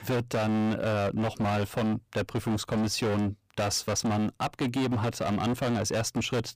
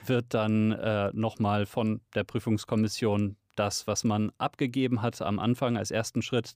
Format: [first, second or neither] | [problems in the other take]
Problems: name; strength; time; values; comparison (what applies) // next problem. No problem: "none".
second | distortion; heavy; 30% of the sound clipped